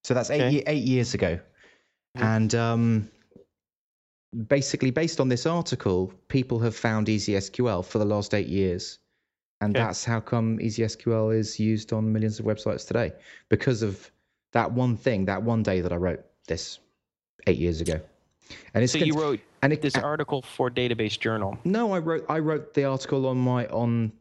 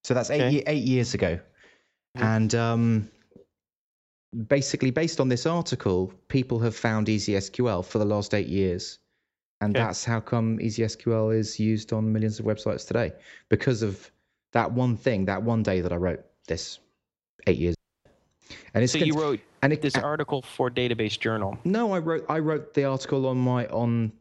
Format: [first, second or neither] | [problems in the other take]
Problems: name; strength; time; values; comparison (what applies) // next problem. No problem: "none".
first | audio cutting out; at 18 s